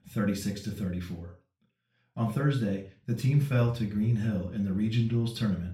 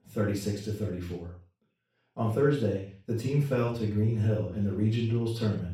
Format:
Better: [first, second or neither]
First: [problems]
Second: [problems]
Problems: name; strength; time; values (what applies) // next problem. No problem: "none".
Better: first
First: room echo; slight; dies away in 0.4 s // off-mic speech; far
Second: room echo; strong; dies away in 0.4 s // off-mic speech; far